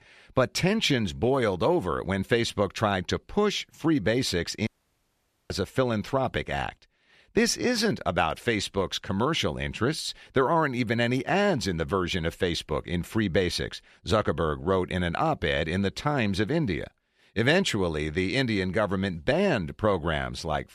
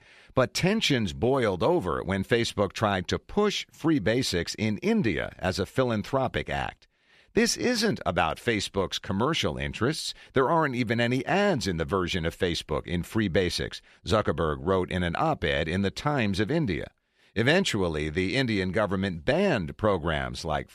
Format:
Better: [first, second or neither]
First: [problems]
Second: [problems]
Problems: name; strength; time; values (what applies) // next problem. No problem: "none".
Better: second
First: audio cutting out; at 4.5 s for 1 s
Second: none